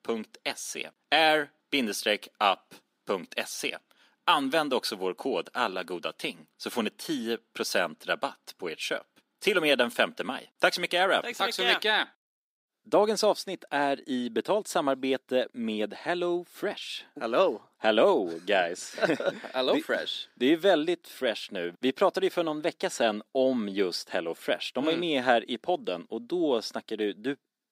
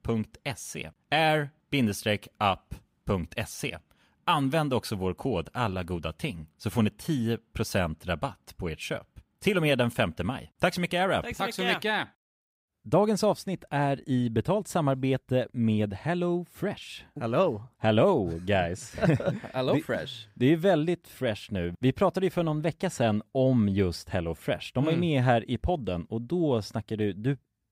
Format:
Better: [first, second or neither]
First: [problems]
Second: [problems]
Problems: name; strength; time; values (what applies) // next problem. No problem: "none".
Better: second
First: thin; somewhat; fading below 250 Hz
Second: none